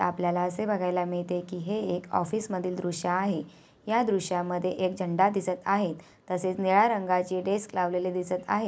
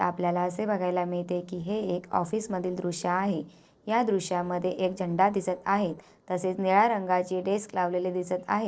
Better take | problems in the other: first | noise reduction (neural separator model SepFormer DNS4)

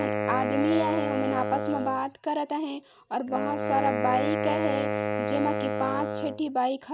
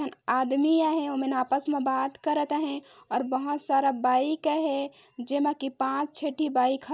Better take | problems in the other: second | background sound (Wind instrument, woodwind instrument); 1 dB below the speech

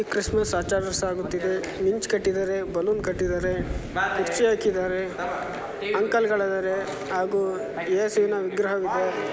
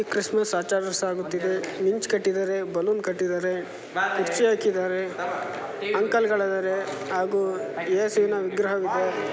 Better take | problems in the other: second | background sound (Thunder); 14 dB below the speech

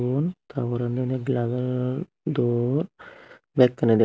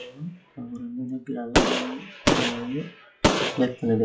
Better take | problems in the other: first | noise reduction (classical method WPE with log-MMSE)

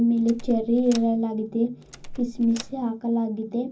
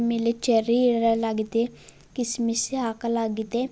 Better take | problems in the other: second | background sound (Door); 14 dB below the speech // room echo; dies away in 0.4 s

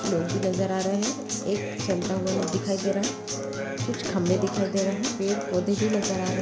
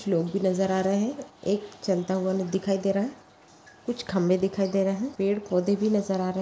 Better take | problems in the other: second | background sound (Acoustic guitar); 3 dB below the speech

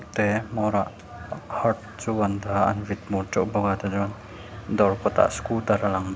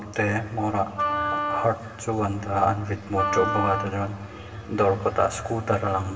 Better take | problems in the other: first | background sound (Wind instrument, woodwind instrument); 4 dB below the speech // room echo; dies away in 2 s

